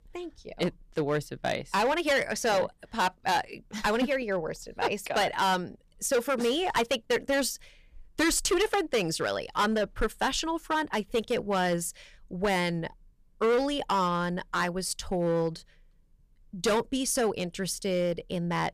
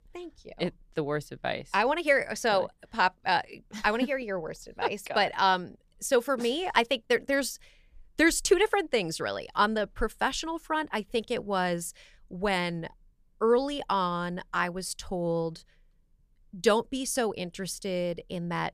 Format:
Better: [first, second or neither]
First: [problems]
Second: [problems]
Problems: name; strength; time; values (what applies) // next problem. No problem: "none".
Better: second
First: distortion; heavy; 8% of the sound clipped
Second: none